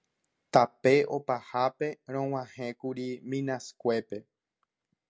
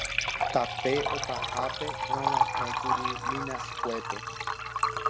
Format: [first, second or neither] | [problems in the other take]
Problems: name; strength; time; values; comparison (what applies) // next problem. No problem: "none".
first | background sound (Liquid); 5 dB above the speech